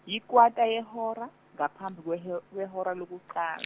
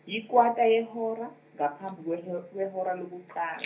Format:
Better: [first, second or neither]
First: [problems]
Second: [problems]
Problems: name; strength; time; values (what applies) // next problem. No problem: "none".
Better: first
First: none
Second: room echo; dies away in 0.3 s